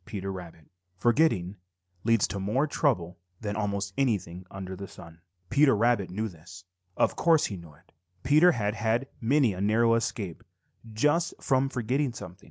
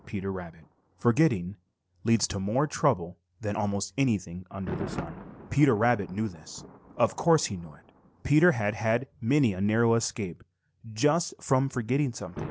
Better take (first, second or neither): first